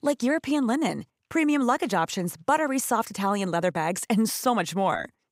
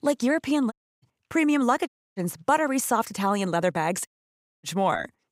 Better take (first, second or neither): first